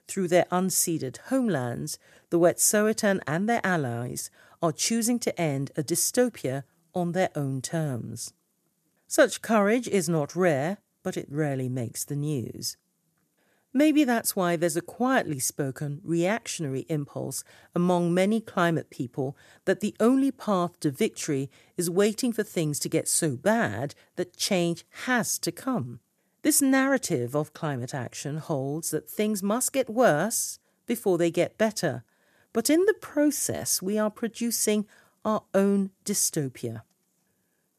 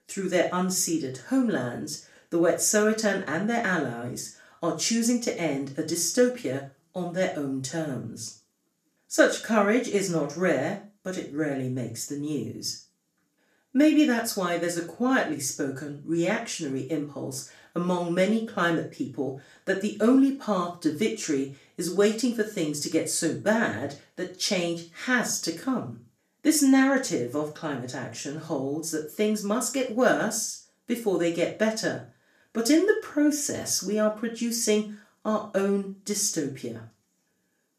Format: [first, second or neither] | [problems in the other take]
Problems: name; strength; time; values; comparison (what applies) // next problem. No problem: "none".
first | room echo; slight; dies away in 0.3 s // off-mic speech; far